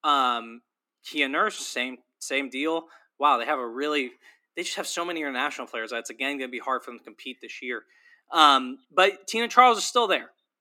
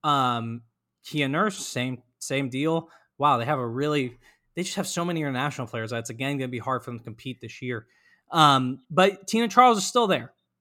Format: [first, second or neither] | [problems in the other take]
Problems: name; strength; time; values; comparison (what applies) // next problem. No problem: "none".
second | thin; somewhat; fading below 250 Hz